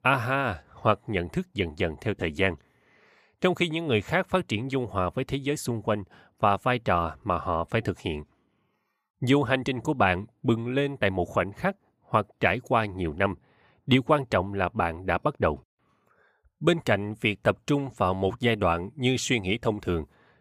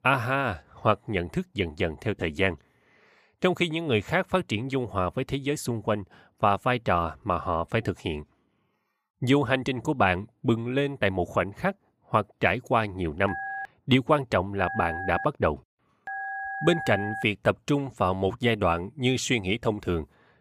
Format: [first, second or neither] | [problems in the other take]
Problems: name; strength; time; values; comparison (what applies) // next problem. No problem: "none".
first | phone ringing; noticeable; from 13 to 17 s; peak 6 dB below the speech